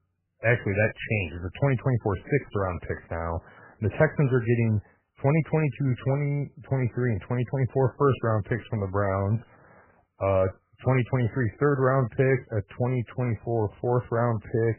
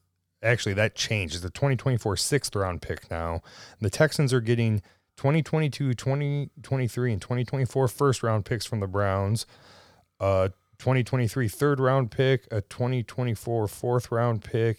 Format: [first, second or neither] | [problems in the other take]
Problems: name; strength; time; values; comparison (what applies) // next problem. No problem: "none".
second | garbled, watery; badly; nothing above 2.5 kHz